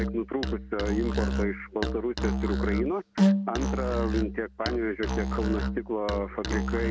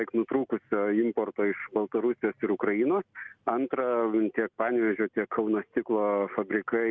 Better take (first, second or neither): second